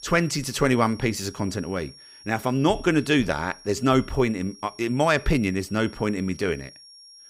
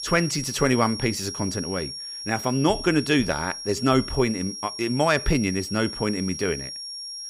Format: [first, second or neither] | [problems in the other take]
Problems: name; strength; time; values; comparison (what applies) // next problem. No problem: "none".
first | high-pitched whine; loud; throughout; 5.5 kHz, 8 dB below the speech; faint in the first